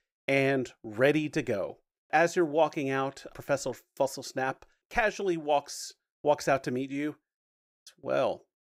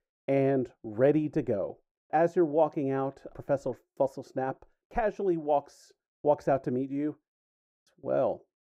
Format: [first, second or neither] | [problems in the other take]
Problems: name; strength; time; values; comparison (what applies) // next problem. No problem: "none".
first | muffled; very; fading above 1.5 kHz